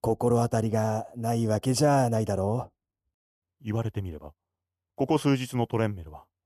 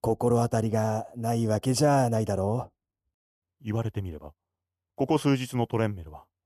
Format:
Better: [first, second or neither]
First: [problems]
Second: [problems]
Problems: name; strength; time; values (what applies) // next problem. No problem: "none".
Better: neither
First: none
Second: none